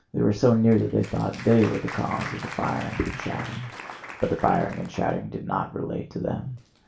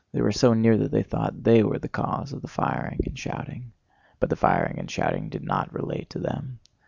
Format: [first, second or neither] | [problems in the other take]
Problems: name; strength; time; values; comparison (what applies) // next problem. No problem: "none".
second | background sound (Applause); 15 dB below the speech // room echo; dies away in 0.3 s